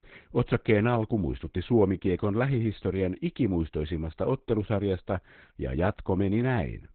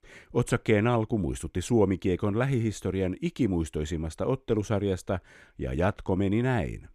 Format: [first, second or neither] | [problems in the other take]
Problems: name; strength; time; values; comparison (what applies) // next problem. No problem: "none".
second | garbled, watery; badly; nothing above 4 kHz